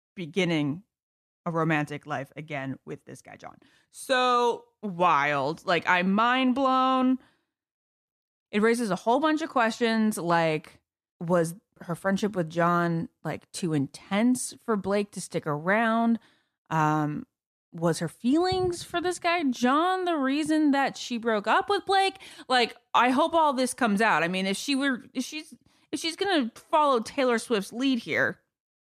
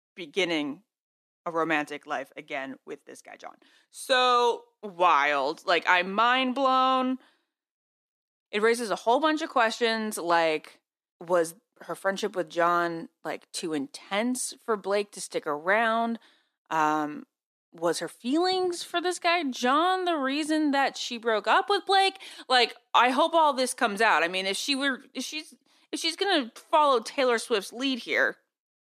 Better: first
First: none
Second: thin; very slightly; fading below 300 Hz

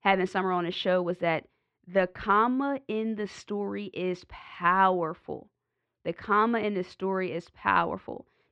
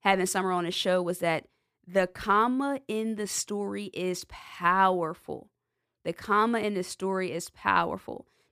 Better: second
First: muffled; slightly; fading above 3.5 kHz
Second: none

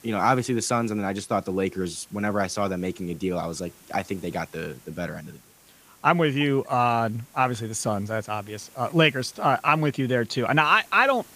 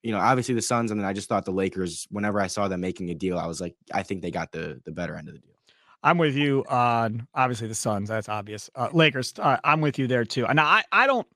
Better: second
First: hiss; faint; throughout; 25 dB below the speech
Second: none

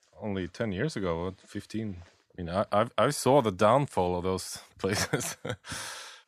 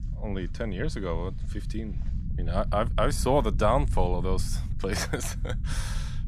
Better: first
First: none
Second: low rumble; noticeable; throughout; 20 dB below the speech

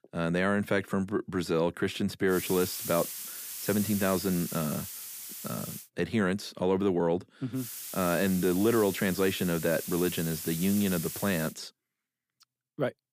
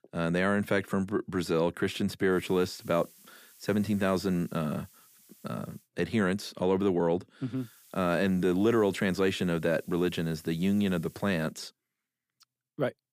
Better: second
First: hiss; loud; from 2.5 to 6 s and from 7.5 to 11 s; 7 dB below the speech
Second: hiss; faint; from 2.5 to 6 s and from 7.5 to 11 s; 25 dB below the speech

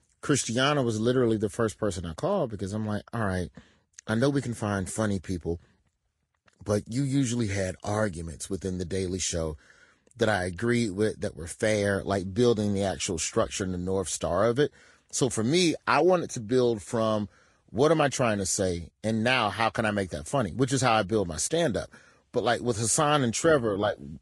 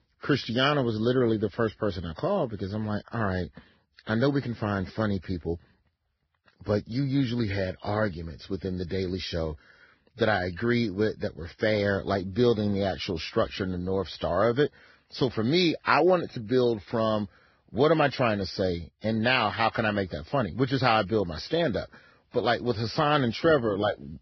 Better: first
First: garbled, watery; slightly; nothing above 10.5 kHz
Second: garbled, watery; badly; nothing above 5.5 kHz

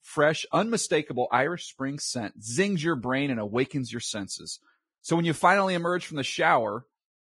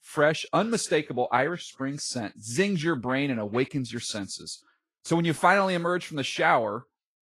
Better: second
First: garbled, watery; badly; nothing above 10.5 kHz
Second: garbled, watery; slightly; nothing above 11 kHz

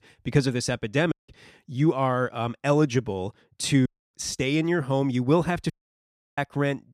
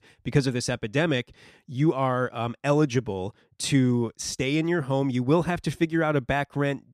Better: second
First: audio cutting out; at 1 s, at 4 s and at 5.5 s for 0.5 s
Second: none

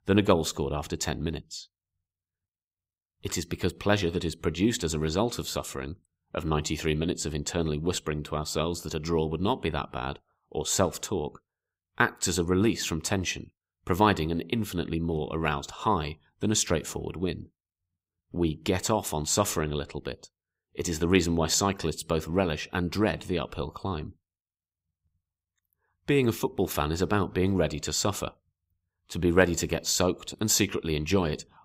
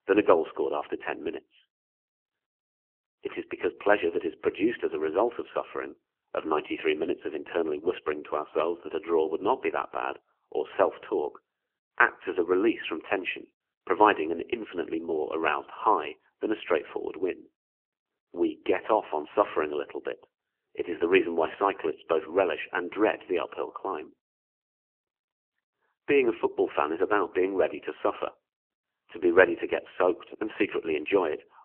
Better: first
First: none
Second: phone-call audio; nothing above 3 kHz

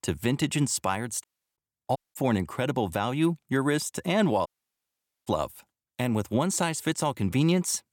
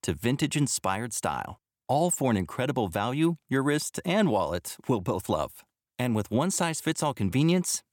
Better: second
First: audio cutting out; at 1 s, at 2 s and at 4.5 s for 1 s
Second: none

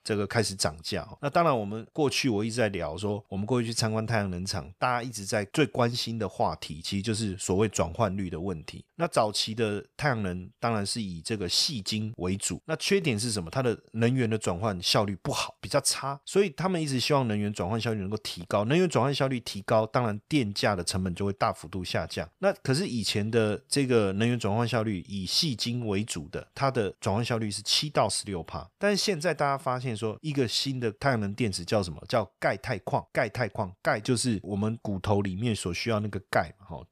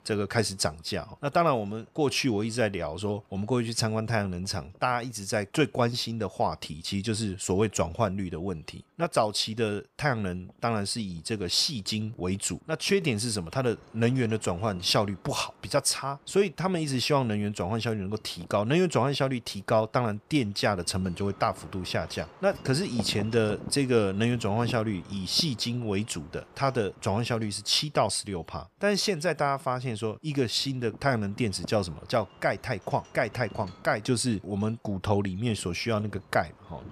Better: first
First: none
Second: wind noise on the microphone; occasional gusts; 20 dB below the speech

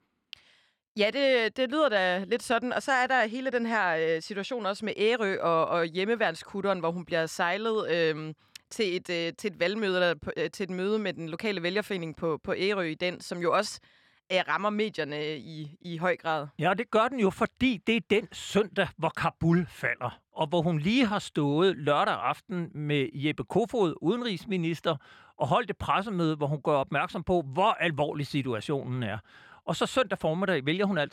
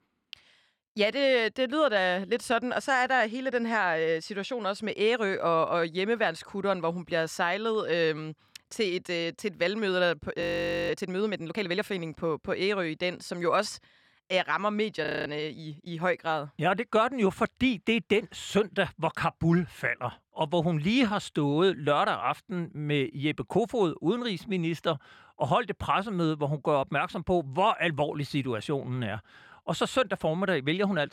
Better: first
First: none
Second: audio freezing; at 10 s and at 15 s

